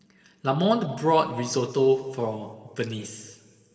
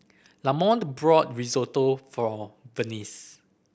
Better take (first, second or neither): second